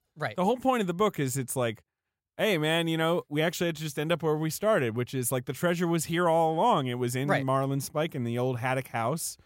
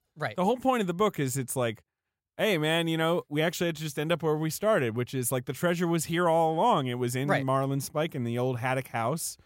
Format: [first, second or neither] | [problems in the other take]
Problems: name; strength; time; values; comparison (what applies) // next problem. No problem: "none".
neither | none